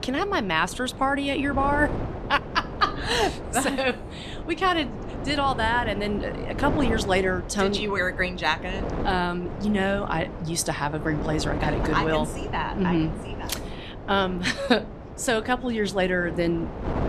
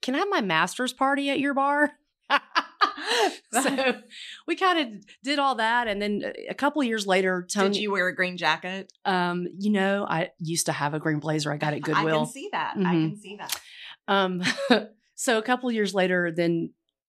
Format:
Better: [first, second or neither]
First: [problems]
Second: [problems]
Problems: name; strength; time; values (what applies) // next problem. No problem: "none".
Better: second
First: wind noise on the microphone; occasional gusts; 10 dB below the speech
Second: none